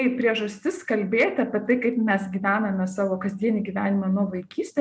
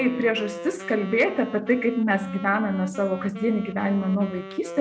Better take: first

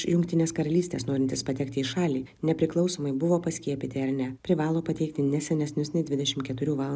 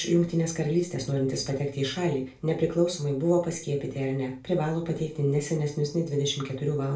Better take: first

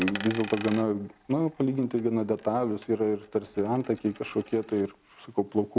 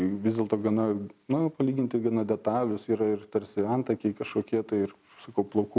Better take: second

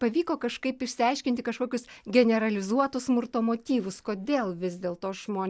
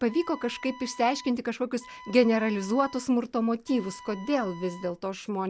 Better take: first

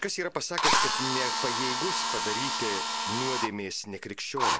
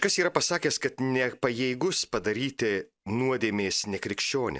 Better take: second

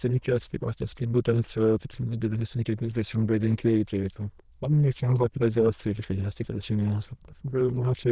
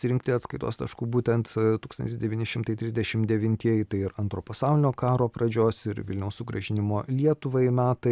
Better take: second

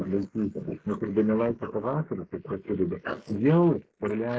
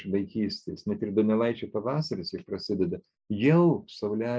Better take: second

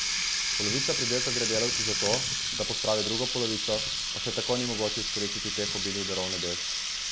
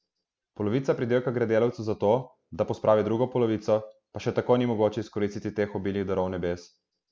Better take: second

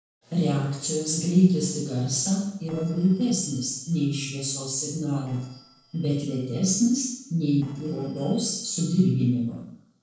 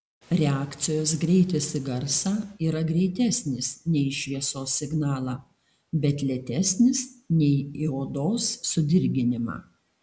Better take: second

